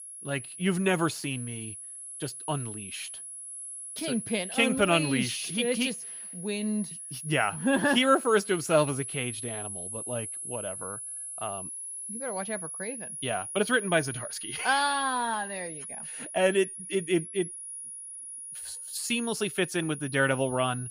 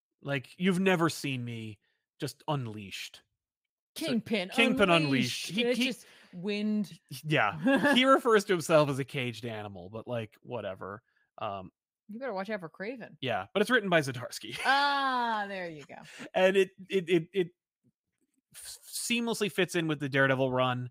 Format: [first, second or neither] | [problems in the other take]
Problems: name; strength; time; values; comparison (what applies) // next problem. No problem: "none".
second | high-pitched whine; loud; throughout; 10.5 kHz, 8 dB below the speech